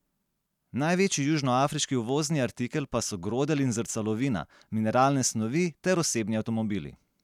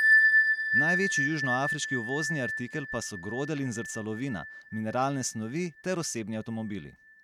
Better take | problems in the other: first | background sound (Bell); 3 dB above the speech

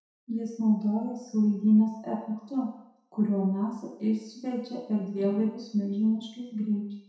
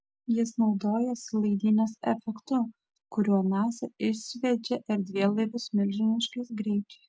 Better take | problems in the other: second | room echo; dies away in 0.7 s

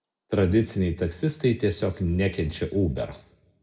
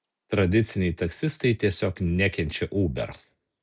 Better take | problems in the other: second | room echo; dies away in 0.5 s

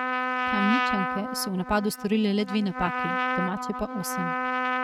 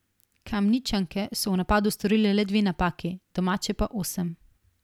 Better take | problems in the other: second | noise reduction (neural mask model RNNoise)

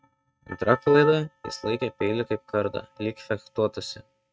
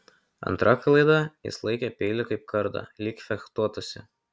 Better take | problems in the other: second | noise reduction (neural mask model RNNoise)

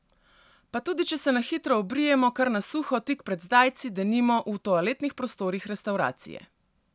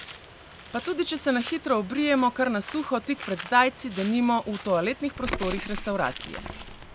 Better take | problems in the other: first | background sound (Bird); 13 dB below the speech

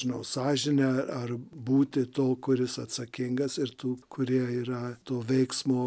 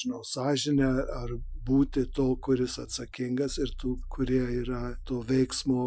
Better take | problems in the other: first | noise reduction (classical method Wiener filter)

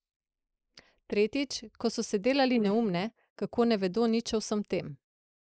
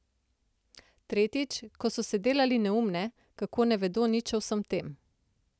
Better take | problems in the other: second | noise reduction (neural mask model Resemble Enhance denoiser)

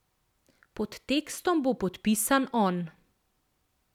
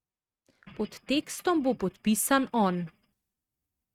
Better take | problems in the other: first | noise reduction (neural mask model RNNoise)

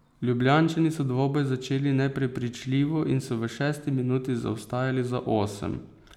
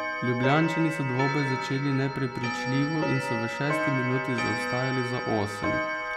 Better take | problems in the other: first | background sound (Clock); 3 dB below the speech

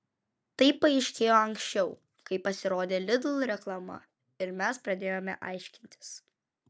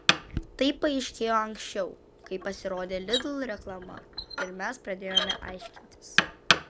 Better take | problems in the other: first | background sound (Knock); 1 dB above the speech

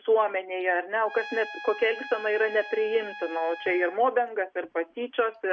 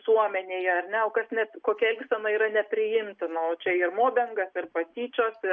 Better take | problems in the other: second | background sound (Trumpet); 14 dB below the speech

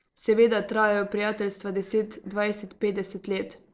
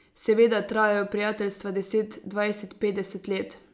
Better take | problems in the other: second | noise reduction (neural separator model SepFormer DNS4)

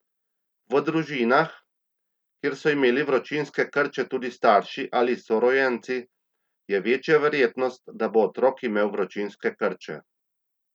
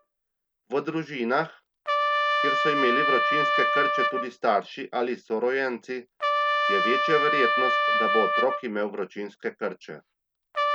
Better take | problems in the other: first | background sound (Trumpet); 2 dB above the speech

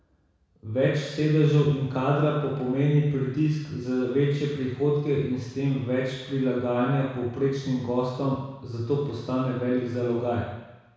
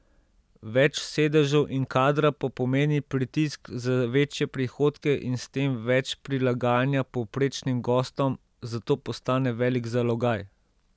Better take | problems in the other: second | room echo; dies away in 1.1 s

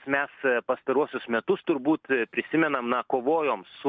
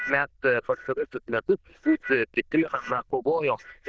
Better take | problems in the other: first | noise reduction (neural diffusion model UNIVERSE++)

